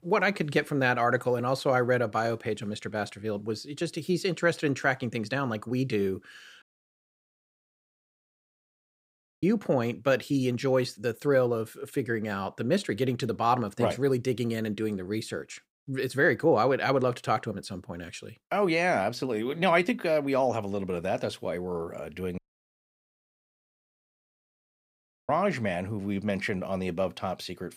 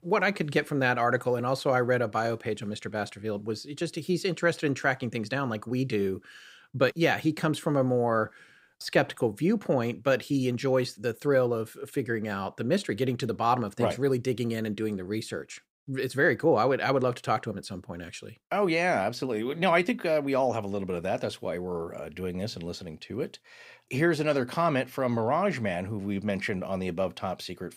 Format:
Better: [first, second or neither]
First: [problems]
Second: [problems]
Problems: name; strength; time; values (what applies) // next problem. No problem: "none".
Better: second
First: audio cutting out; at 6.5 s for 3 s and at 22 s for 3 s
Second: none